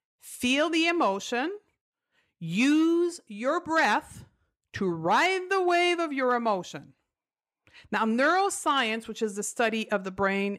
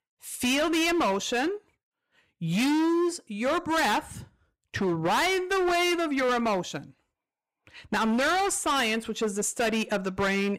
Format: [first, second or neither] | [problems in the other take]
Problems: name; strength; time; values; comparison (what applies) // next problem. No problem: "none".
first | distortion; heavy; 21% of the sound clipped